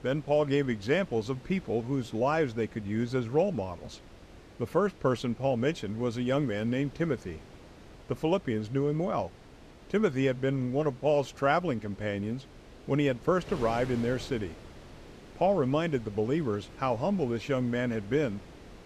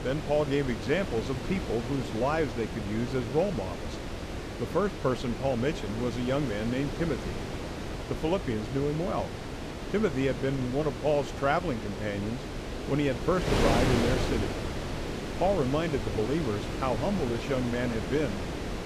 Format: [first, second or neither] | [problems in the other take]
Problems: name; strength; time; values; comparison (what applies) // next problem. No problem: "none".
first | wind noise on the microphone; heavy; 5 dB below the speech; occasional gusts in the first